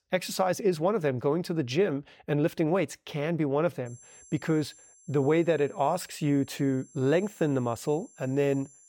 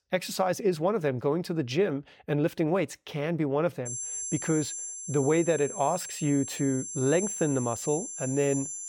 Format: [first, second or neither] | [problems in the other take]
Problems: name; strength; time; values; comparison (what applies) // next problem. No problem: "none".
first | high-pitched whine; loud; from 4 s on; 7.5 kHz, 6 dB below the speech; faint in the first